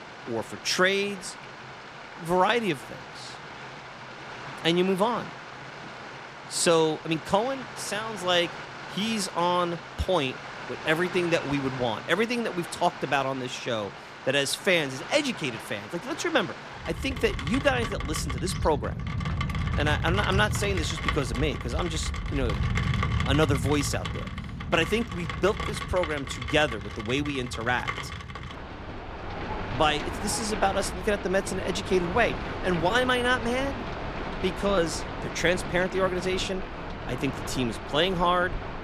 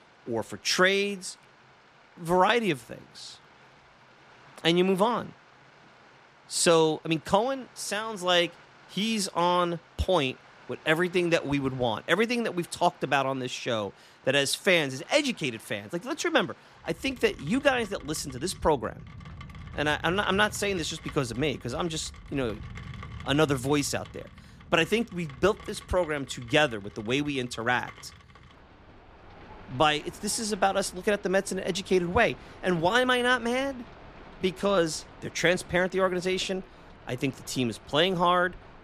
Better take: second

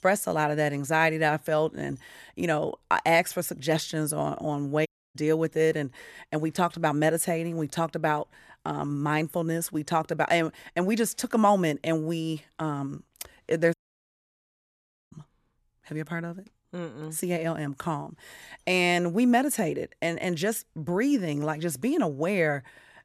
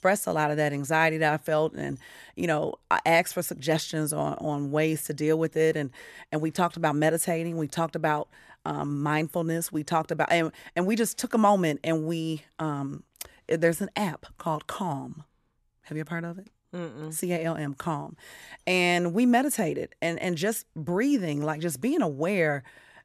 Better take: second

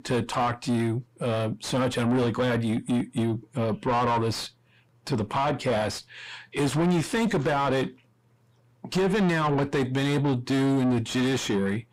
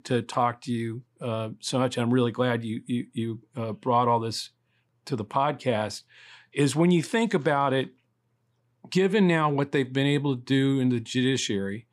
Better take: second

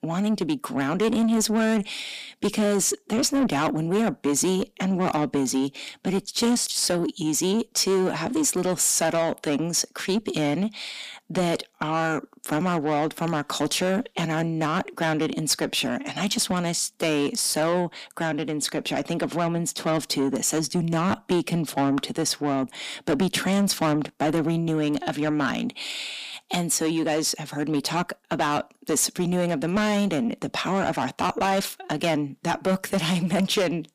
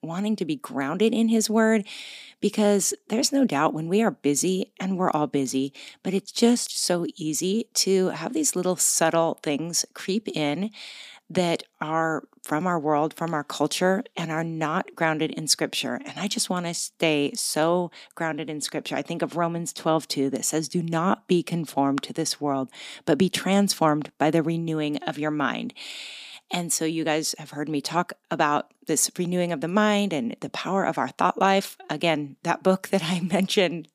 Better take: second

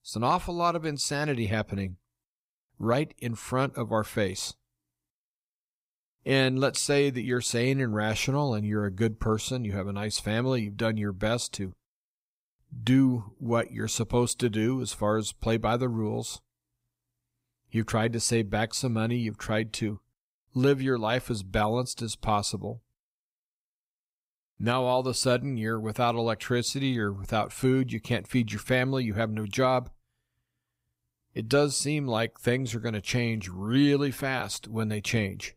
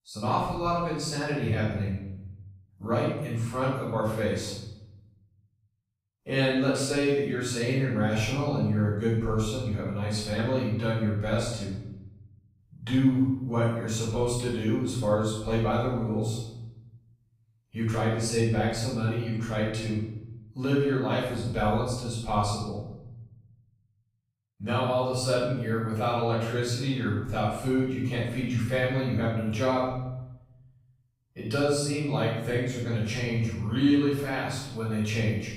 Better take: first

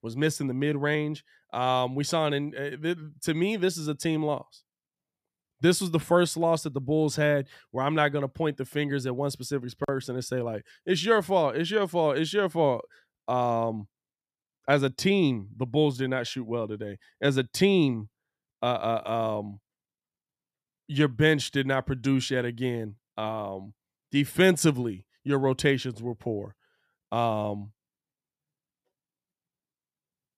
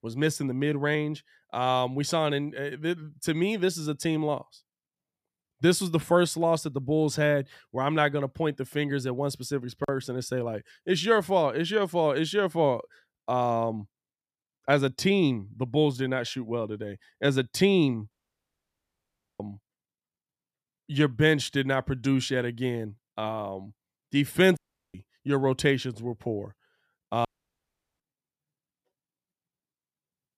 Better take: first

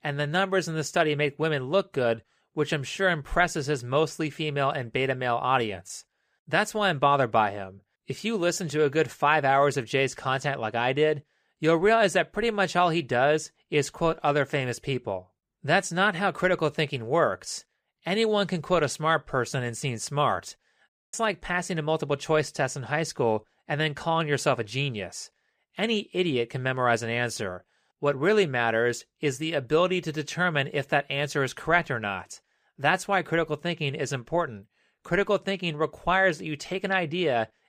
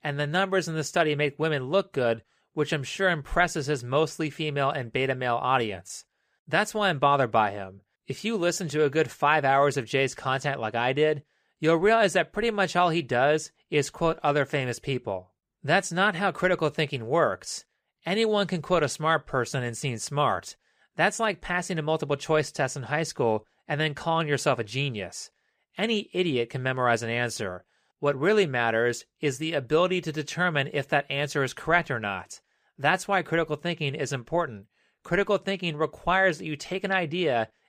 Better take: second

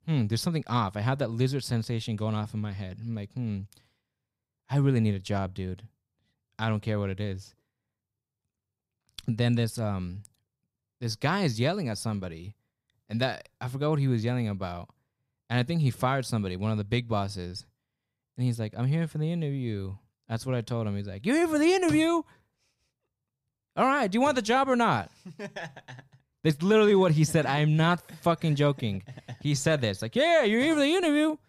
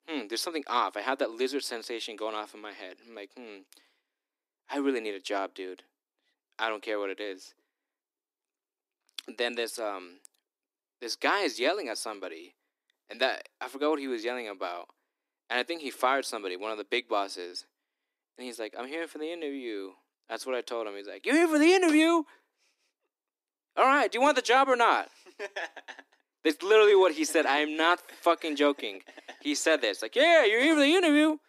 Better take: first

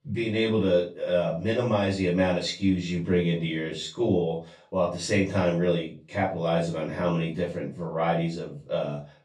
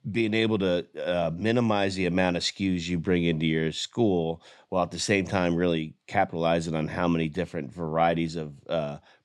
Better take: second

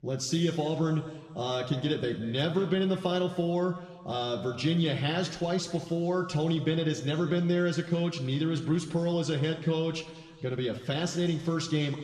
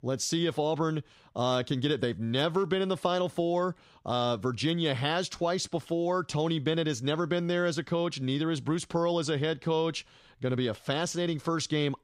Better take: second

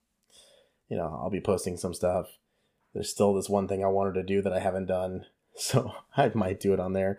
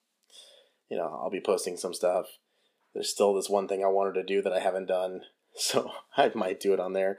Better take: first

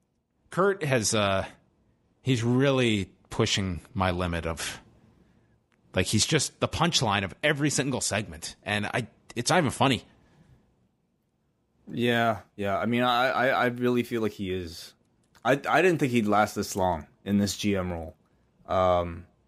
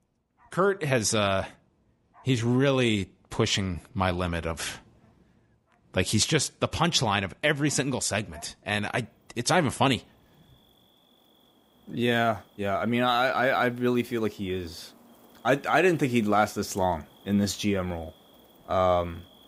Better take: first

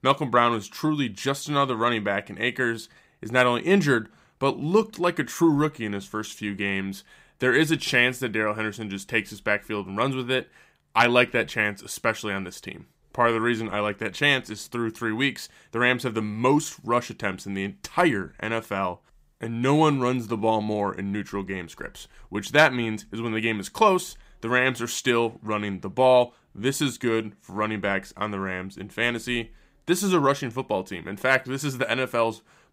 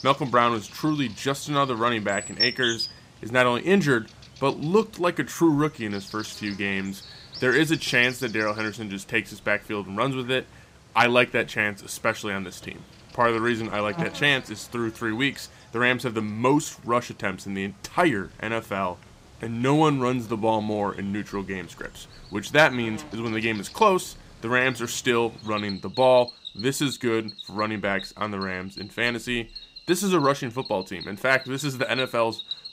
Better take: first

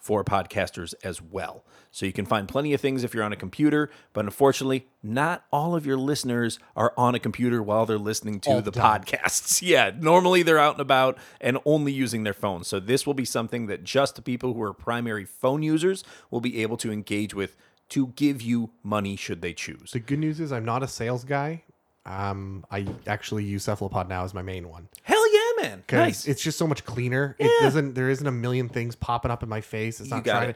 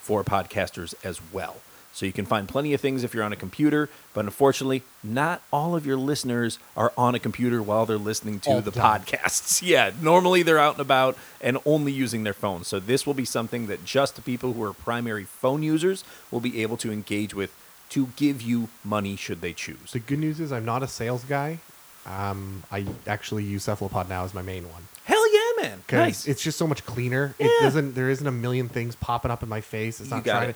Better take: first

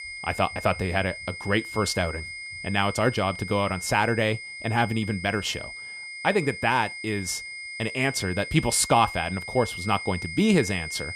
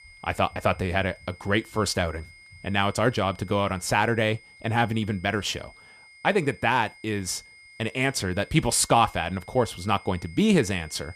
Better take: second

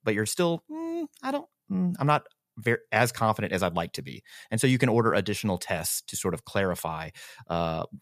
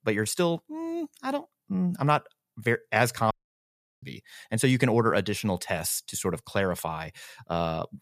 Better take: first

